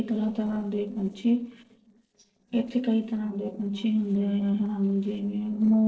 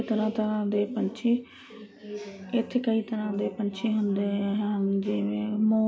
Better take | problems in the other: second | noise reduction (neural separator model SepFormer DNS4)

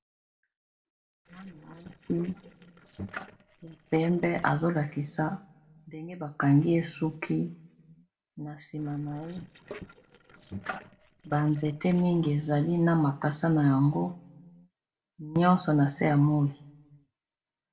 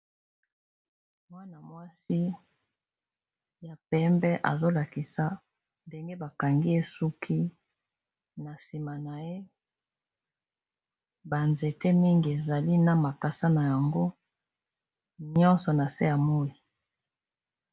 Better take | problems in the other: second | noise reduction (neural separator model SepFormer DNS4)

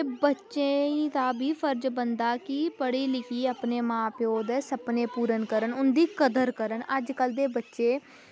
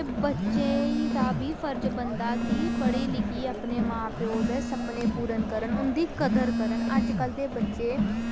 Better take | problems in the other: first | background sound (Telephone + Crowd); 3 dB above the speech

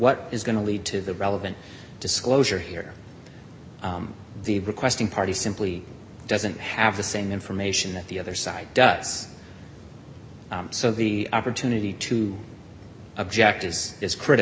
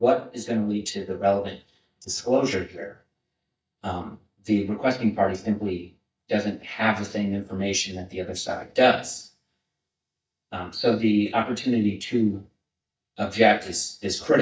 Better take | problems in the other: first | noise reduction (neural mask model DeepFilterNet 3)

